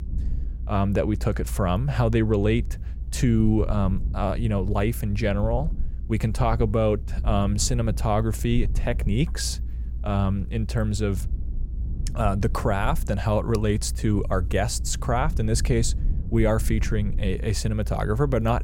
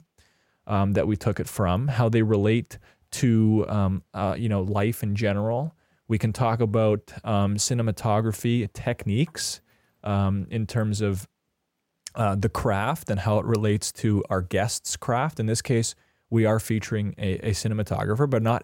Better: second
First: low rumble; faint; throughout; 20 dB below the speech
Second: none

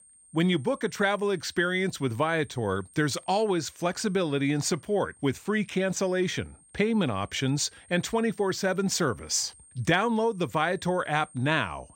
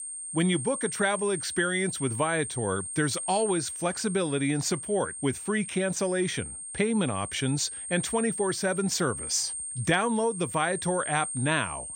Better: first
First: high-pitched whine; faint; throughout; 8.5 kHz, 25 dB below the speech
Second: high-pitched whine; loud; throughout; 8.5 kHz, 6 dB below the speech

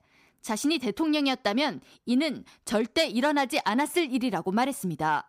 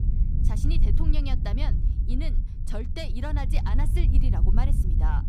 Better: first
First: none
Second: low rumble; loud; throughout; 5 dB below the speech

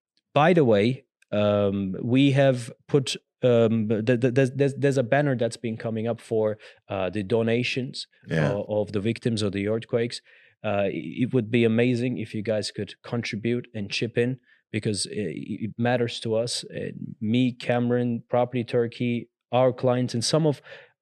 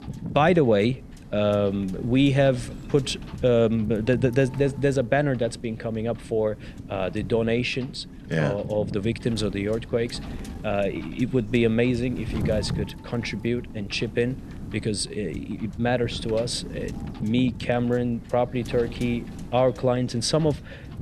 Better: first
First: none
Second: wind noise on the microphone; occasional gusts; 20 dB below the speech

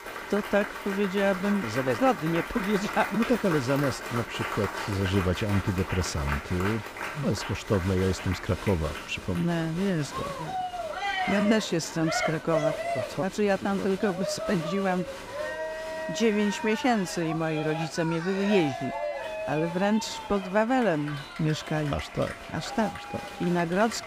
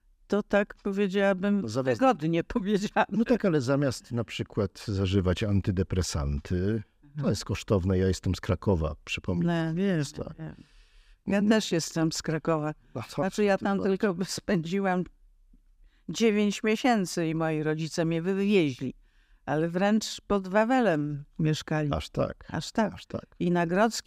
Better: second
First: crowd noise; loud; throughout; 6 dB below the speech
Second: none

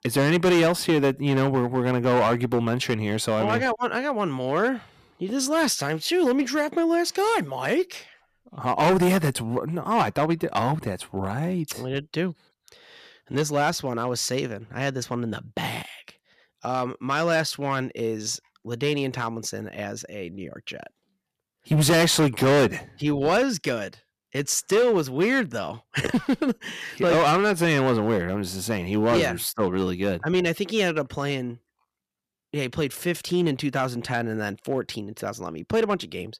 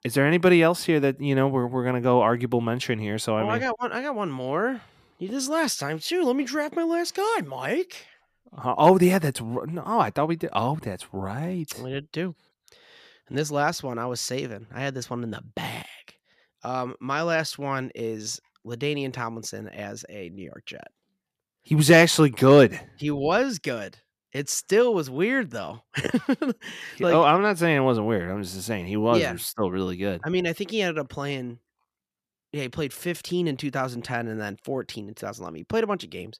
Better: second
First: distortion; heavy; 6% of the sound clipped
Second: none

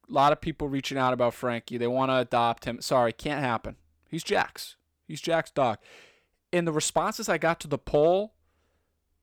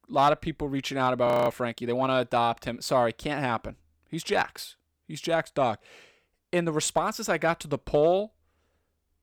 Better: first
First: none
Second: audio freezing; at 1.5 s

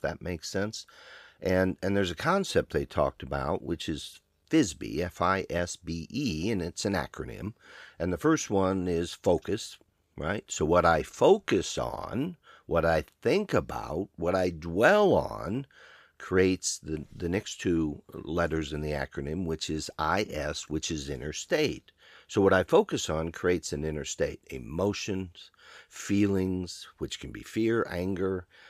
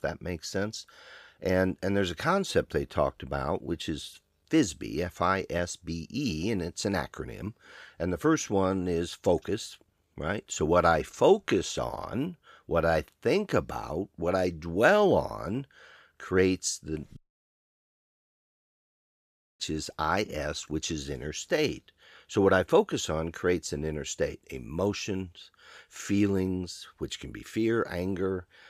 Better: first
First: none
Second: audio cutting out; at 17 s for 2.5 s

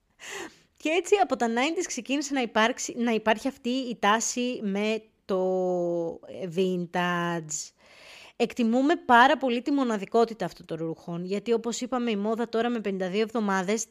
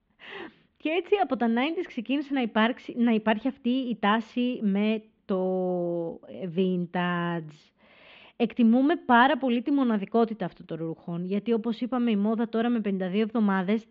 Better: first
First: none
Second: muffled; very slightly; fading above 3.5 kHz

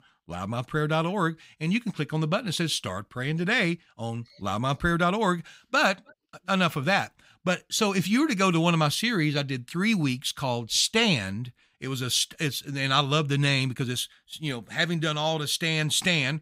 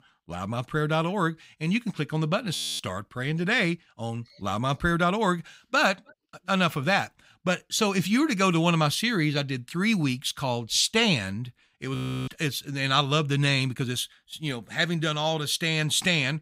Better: first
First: none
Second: audio freezing; at 2.5 s and at 12 s

